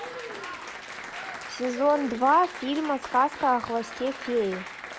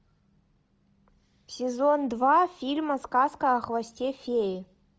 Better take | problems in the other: second | background sound (Applause); 11 dB below the speech

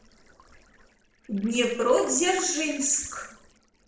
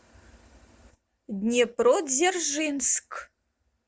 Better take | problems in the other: second | noise reduction (neural separator model SepFormer DNS4)

